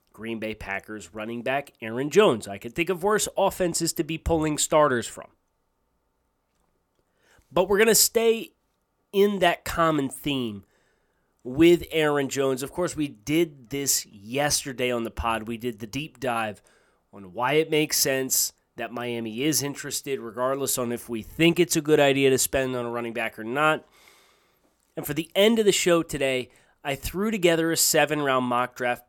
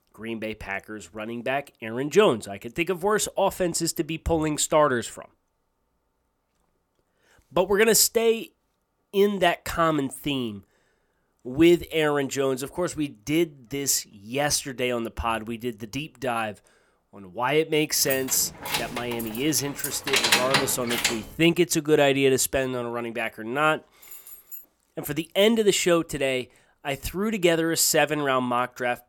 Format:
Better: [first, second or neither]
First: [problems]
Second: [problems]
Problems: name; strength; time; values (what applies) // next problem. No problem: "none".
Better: first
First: none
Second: jangling keys; loud; from 18 to 21 s; peak 4 dB above the speech // jangling keys; faint; at 24 s; peak 15 dB below the speech